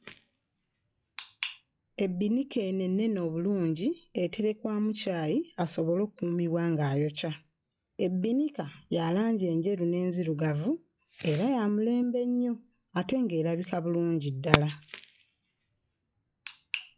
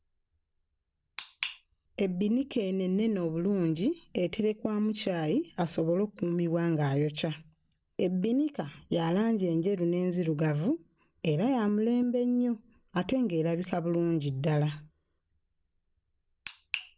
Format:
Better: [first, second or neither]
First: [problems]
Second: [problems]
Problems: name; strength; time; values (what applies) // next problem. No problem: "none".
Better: second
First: noise reduction (classical method log-MMSE)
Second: none